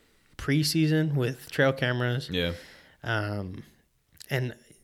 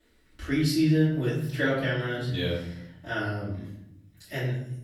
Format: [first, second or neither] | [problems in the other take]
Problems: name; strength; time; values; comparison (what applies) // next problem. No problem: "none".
first | room echo; noticeable; dies away in 0.7 s // off-mic speech; far